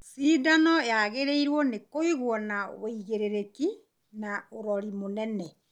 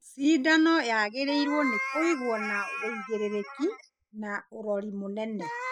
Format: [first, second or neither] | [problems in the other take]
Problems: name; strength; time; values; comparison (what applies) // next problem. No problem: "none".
first | noise reduction (classical method spectral subtraction)